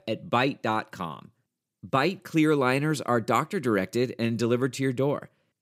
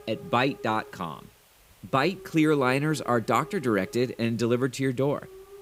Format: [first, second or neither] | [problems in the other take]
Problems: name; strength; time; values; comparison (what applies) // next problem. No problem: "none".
first | hiss; faint; throughout; 20 dB below the speech